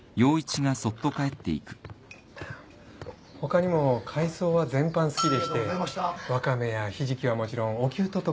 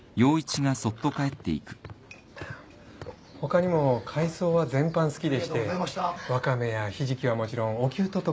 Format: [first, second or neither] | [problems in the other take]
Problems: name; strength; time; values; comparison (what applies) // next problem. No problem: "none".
second | background sound (Bell); 8 dB below the speech